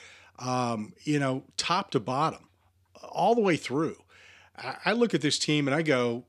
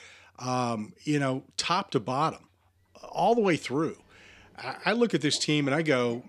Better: first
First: none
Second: rain or running water; faint; from 3 s on; 30 dB below the speech

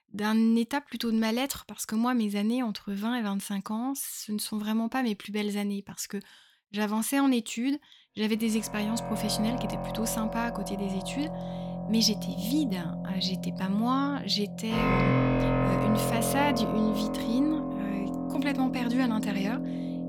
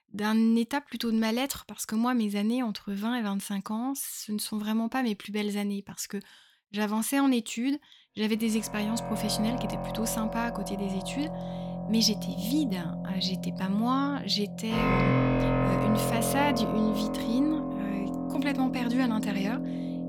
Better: neither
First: background music; loud; from 9 s on; 2 dB below the speech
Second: background music; loud; from 9 s on; 2 dB below the speech

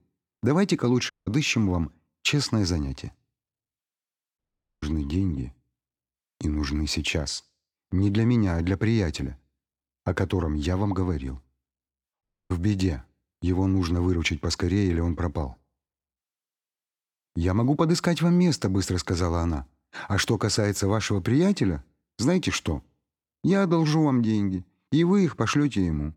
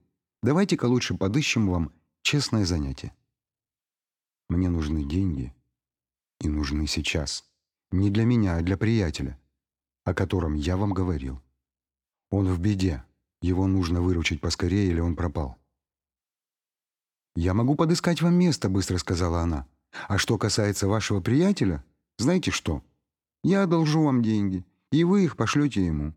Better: second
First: audio cutting out; at 1 s, at 4.5 s and at 12 s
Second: none

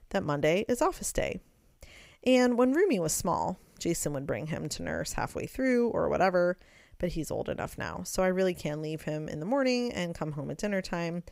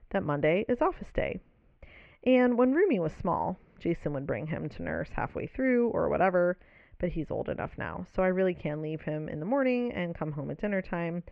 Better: first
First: none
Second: muffled; very; fading above 2.5 kHz

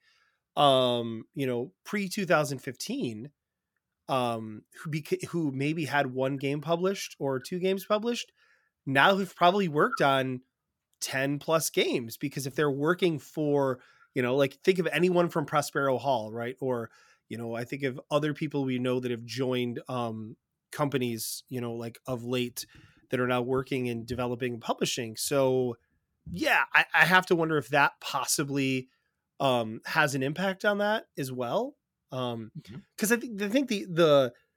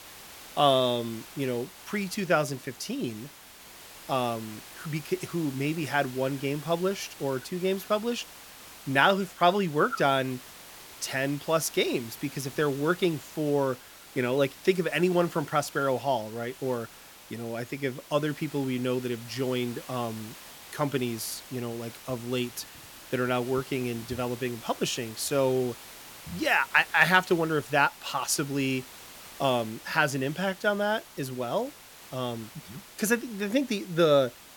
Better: first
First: none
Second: hiss; noticeable; throughout; 15 dB below the speech

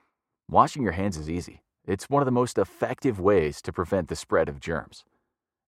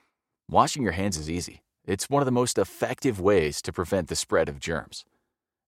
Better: second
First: muffled; slightly; fading above 2.5 kHz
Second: none

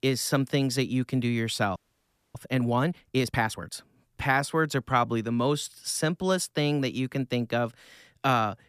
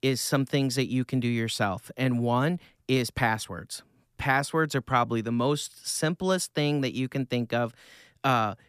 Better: second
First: audio freezing; at 2 s for 0.5 s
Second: none

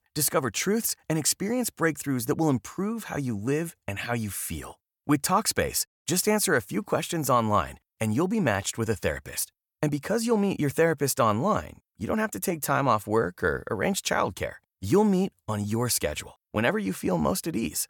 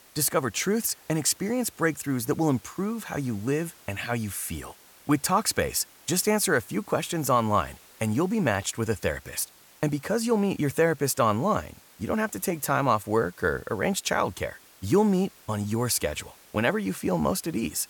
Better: first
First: none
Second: hiss; faint; throughout; 25 dB below the speech

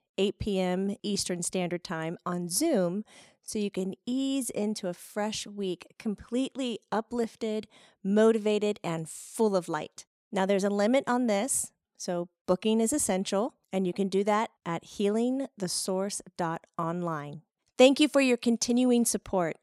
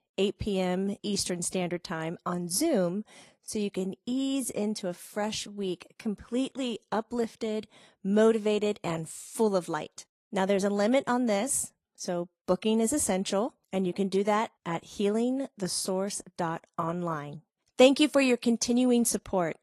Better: first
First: none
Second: garbled, watery; slightly

